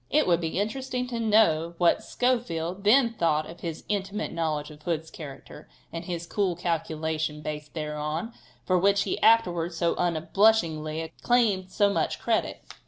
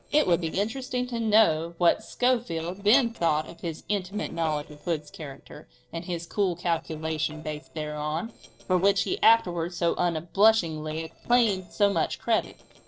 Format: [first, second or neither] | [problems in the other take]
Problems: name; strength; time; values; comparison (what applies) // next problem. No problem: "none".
first | noise reduction (neural separator model SepFormer DNS4)